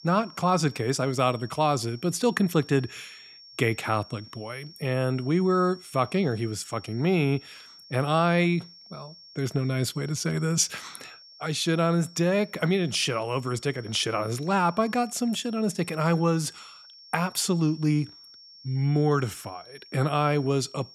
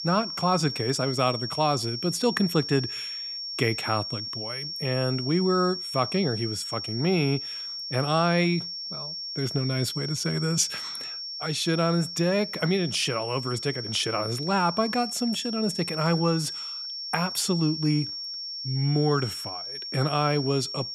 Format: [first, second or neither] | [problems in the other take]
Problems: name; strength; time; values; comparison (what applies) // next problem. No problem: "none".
first | high-pitched whine; loud; throughout; 5.5 kHz, 5 dB below the speech; faint in the first